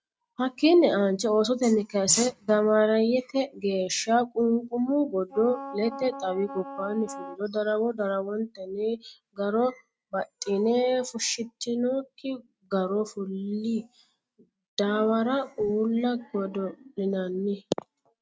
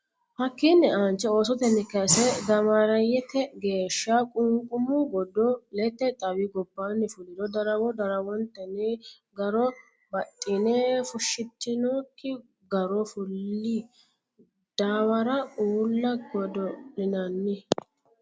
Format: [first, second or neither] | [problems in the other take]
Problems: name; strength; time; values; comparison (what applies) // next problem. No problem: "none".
second | noise reduction (neural mask model RNNoise)